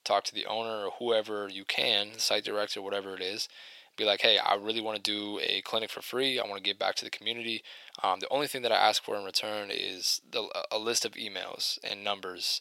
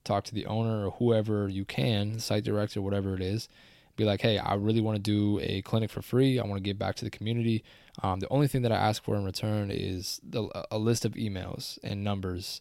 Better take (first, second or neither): second